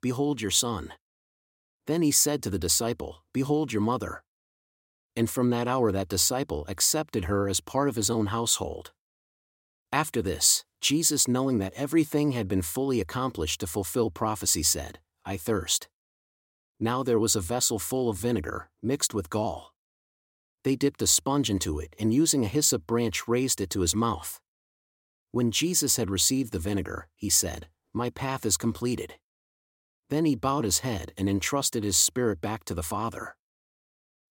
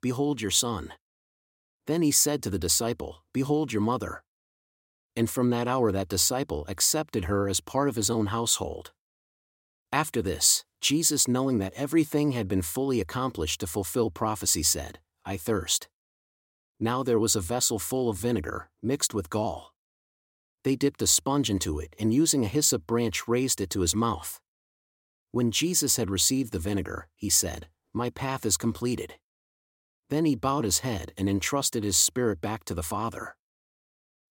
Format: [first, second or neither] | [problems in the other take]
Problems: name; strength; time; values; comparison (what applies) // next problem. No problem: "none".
neither | none